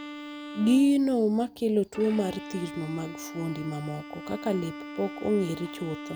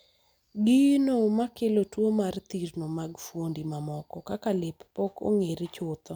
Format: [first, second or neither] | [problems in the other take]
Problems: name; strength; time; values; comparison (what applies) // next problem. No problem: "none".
second | background sound (Bowed string instrument); 12 dB below the speech